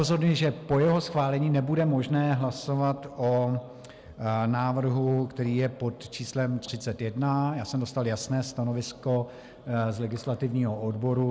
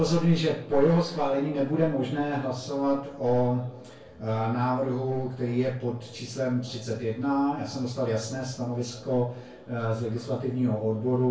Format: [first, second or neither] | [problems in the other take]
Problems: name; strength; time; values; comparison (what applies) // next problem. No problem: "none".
first | room echo; dies away in 0.3 s